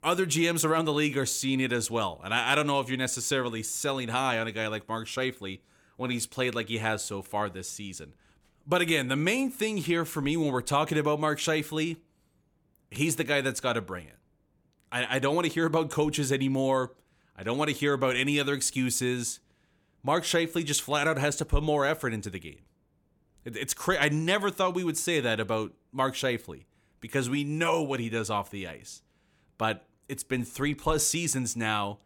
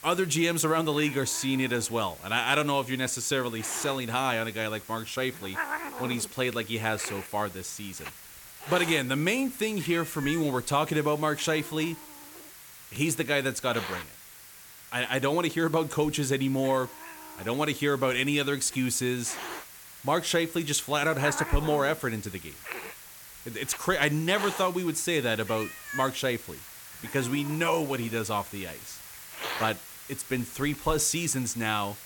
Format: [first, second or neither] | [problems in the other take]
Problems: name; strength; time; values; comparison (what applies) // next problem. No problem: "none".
first | hiss; noticeable; throughout; 10 dB below the speech